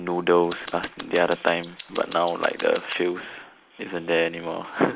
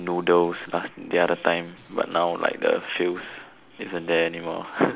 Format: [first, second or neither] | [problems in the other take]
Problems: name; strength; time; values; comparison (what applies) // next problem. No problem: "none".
second | noise reduction (neural mask model Resemble Enhance denoiser)